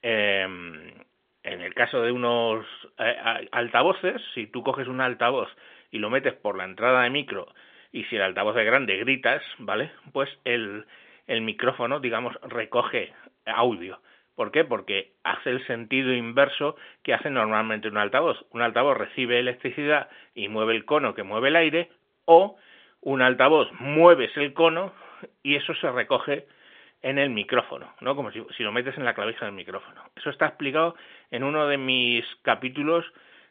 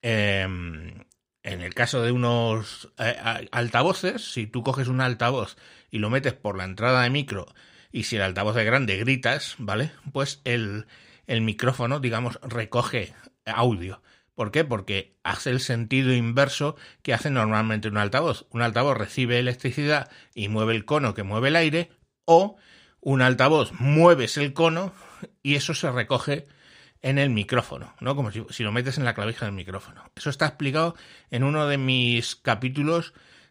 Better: second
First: phone-call audio; nothing above 3.5 kHz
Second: none

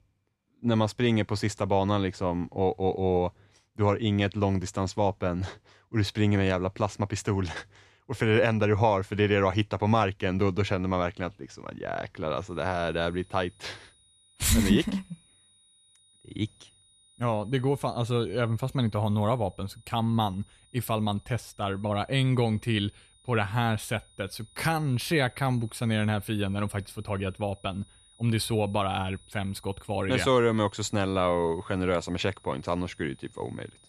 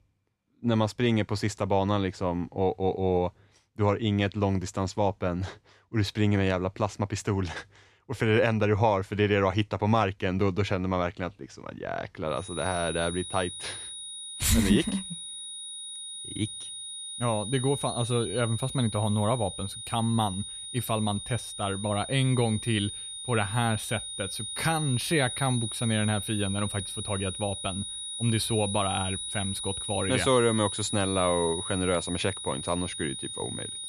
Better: first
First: high-pitched whine; faint; from 12 s on; 4 kHz, 30 dB below the speech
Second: high-pitched whine; loud; from 12 s on; 4 kHz, 6 dB below the speech

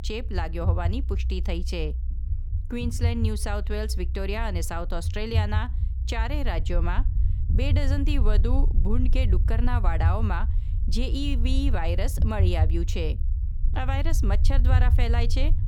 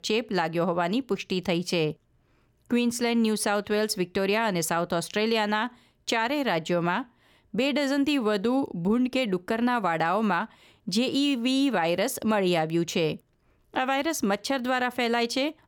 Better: second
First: low rumble; noticeable; throughout; 10 dB below the speech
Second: none

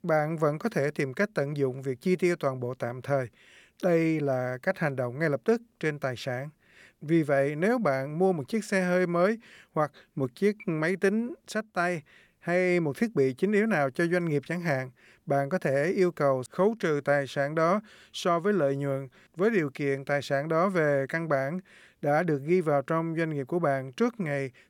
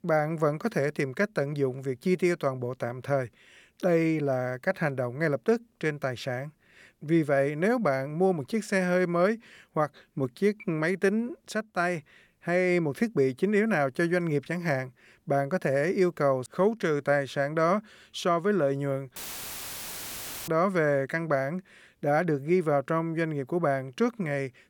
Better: first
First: none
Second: audio cutting out; filled with static; at 19 s for 1.5 s

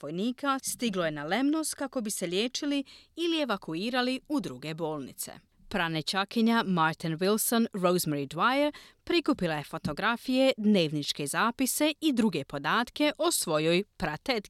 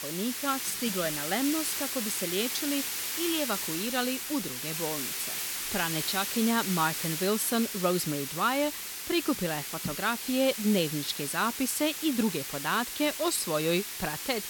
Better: first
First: none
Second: hiss; loud; throughout; 2 dB below the speech

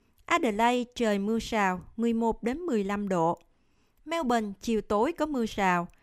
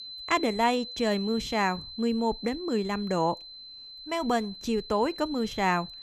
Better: first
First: none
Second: high-pitched whine; noticeable; throughout; 4 kHz, 10 dB below the speech

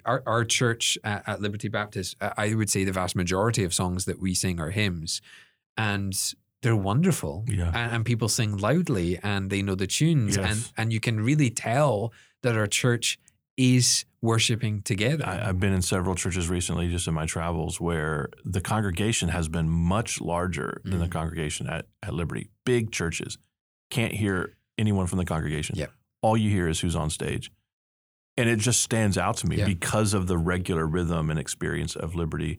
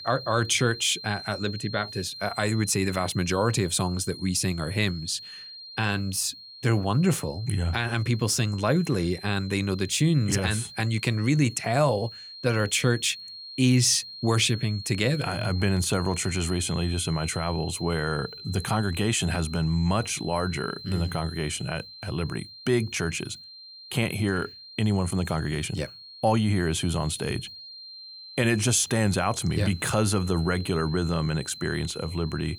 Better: first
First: none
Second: high-pitched whine; noticeable; throughout; 4 kHz, 15 dB below the speech

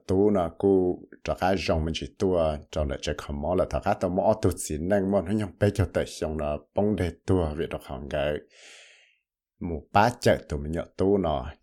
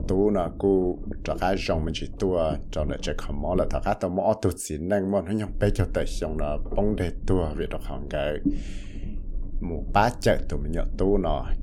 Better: first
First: none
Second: low rumble; noticeable; until 4 s and from 5.5 s on; 15 dB below the speech

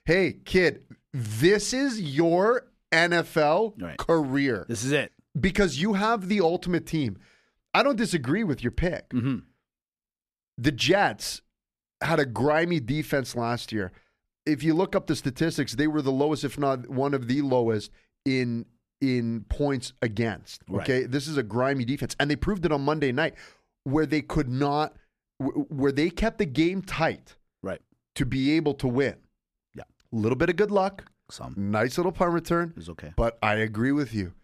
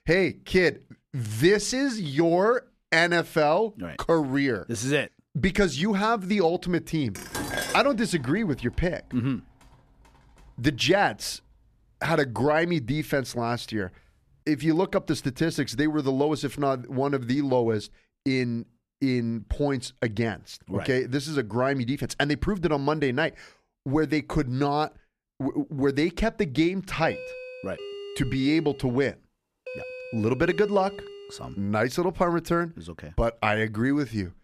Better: first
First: none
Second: clattering dishes; noticeable; at 7 s; peak 4 dB below the speech // doorbell; faint; from 27 to 32 s; peak 10 dB below the speech

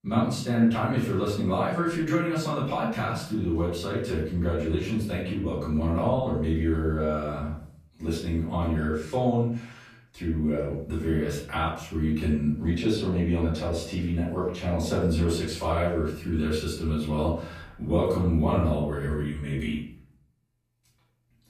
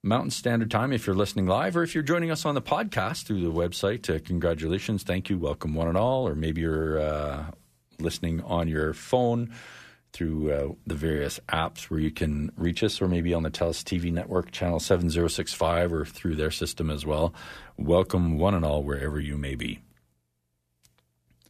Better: second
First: off-mic speech; far // room echo; noticeable; dies away in 0.5 s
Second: none

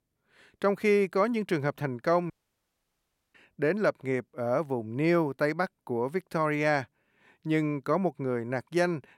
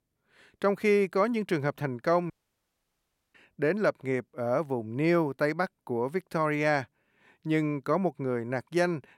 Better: neither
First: audio cutting out; at 2.5 s for 1 s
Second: audio cutting out; at 2.5 s for 1 s

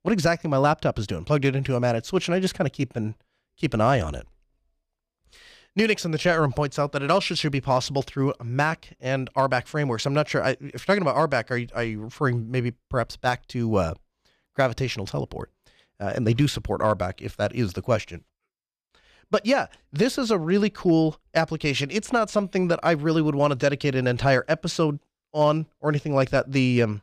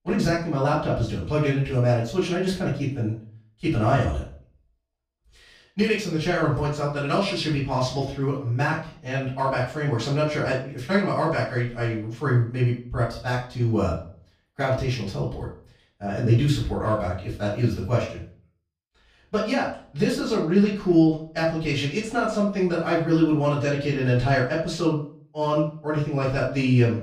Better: first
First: none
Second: off-mic speech; far // room echo; noticeable; dies away in 0.4 s

